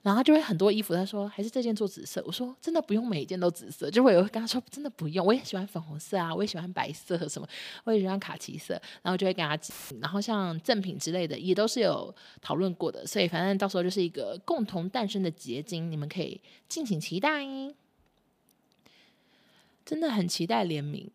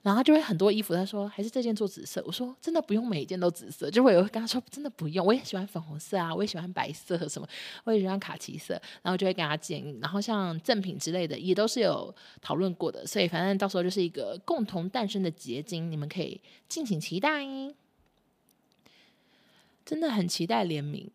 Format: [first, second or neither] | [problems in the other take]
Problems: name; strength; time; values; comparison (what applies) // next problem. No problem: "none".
second | audio cutting out; filled with static; at 9.5 s